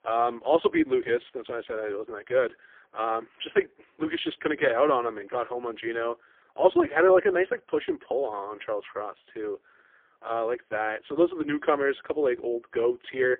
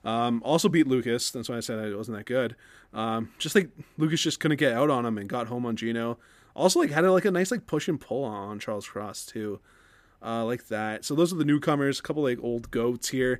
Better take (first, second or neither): second